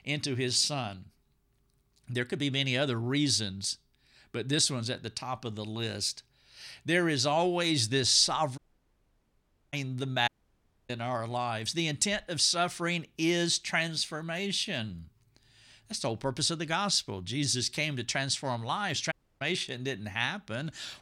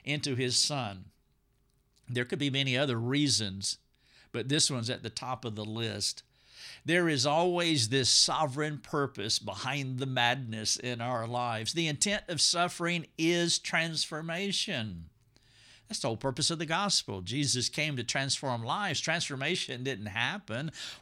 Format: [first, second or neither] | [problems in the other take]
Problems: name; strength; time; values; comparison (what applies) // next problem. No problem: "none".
second | audio cutting out; at 8.5 s for 1 s, at 10 s for 0.5 s and at 19 s